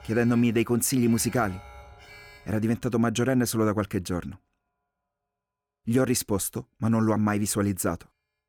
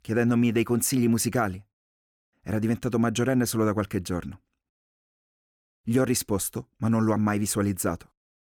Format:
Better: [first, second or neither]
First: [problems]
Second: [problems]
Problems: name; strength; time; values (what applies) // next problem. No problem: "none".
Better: second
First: alarms or sirens; faint; throughout; 20 dB below the speech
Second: none